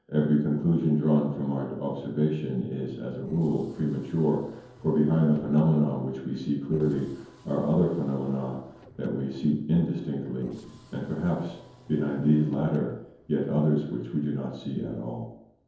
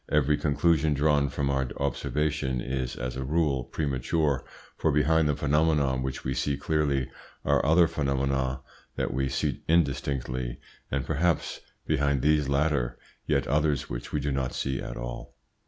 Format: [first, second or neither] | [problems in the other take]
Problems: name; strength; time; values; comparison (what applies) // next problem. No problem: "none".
second | noise reduction (neural separator model SepFormer DNS4)